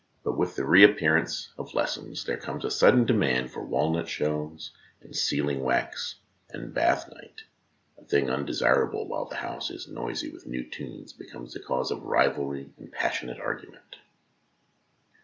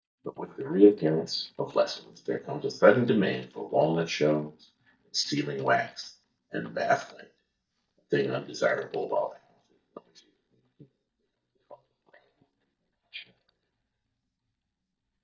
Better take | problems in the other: first | noise reduction (neural mask model DeepFilterNet 3)

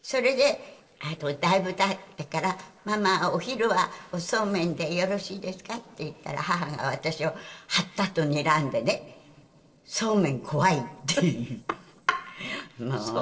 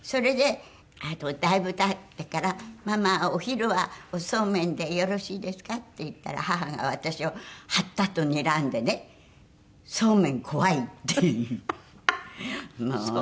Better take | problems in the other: second | noise reduction (neural separator model SepFormer DNS4)

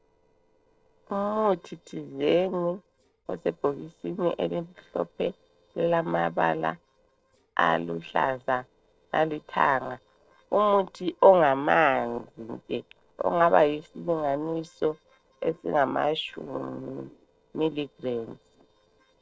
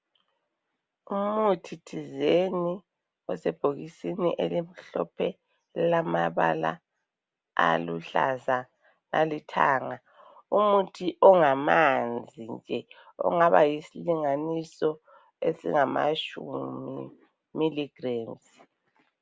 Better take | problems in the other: second | noise reduction (neural separator model SepFormer DNS4)

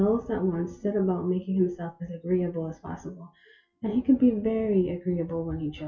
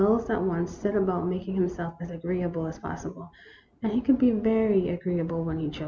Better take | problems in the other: second | noise reduction (classical method WPE with log-MMSE)

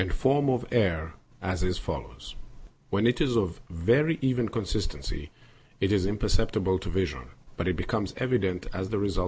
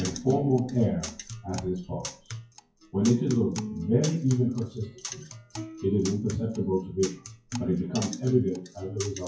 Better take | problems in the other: first | noise reduction (classical method WPE with log-MMSE)

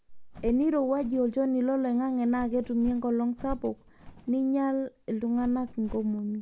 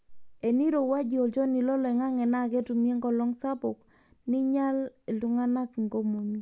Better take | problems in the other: second | background sound (Bird); 16 dB below the speech

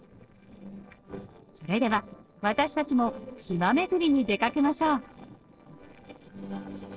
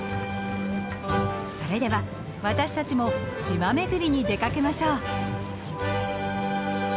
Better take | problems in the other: second | noise reduction (neural separator model SepFormer DNS4)

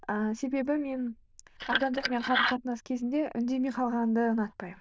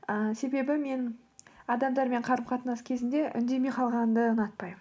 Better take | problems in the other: second | noise reduction (neural diffusion model UNIVERSE++)

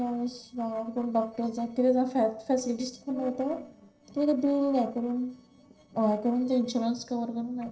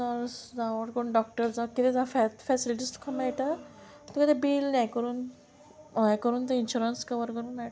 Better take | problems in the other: second | noise reduction (neural separator model SepFormer DNS4)

